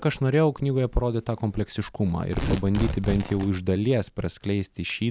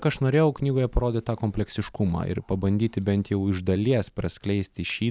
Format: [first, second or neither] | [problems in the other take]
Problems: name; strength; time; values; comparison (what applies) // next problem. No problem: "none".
second | background sound (Tearing); 8 dB below the speech